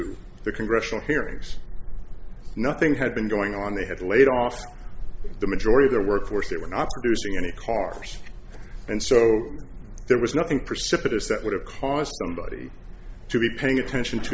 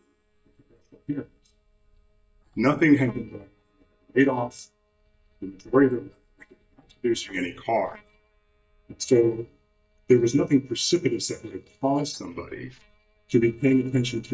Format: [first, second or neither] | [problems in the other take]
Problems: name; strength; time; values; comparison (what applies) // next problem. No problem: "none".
first | noise reduction (neural mask model DeepFilterNet 3)